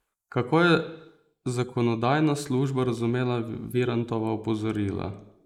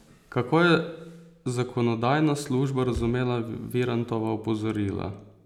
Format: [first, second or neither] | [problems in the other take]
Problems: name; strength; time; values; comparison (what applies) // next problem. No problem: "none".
second | noise reduction (neural mask model Resemble Enhance denoiser)